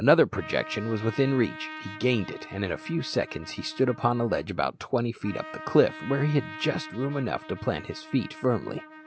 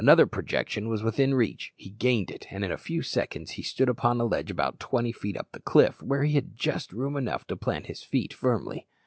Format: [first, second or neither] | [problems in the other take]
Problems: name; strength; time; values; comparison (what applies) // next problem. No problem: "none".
second | background sound (Trumpet); 15 dB below the speech